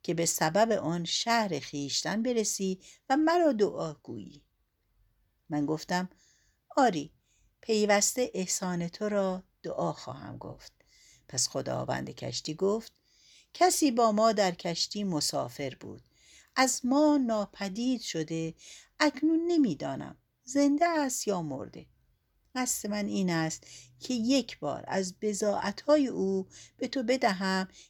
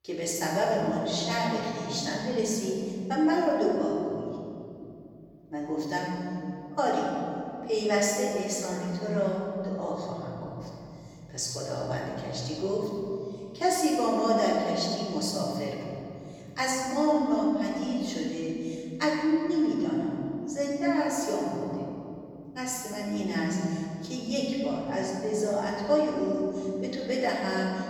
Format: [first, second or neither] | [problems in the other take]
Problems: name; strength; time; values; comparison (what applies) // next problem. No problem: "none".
first | off-mic speech; far // room echo; strong; dies away in 2.9 s